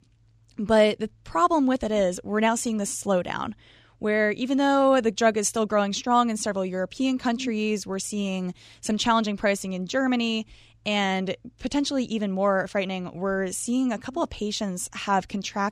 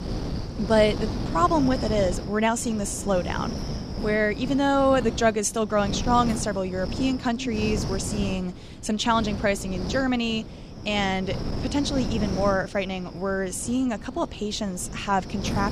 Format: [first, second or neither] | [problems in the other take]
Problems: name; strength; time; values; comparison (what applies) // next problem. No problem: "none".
first | wind noise on the microphone; occasional gusts; 10 dB below the speech